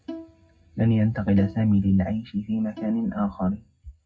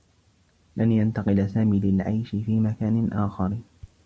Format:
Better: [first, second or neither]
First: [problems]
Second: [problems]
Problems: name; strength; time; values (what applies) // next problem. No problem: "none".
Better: second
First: noise reduction (classical method WPE with log-MMSE)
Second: none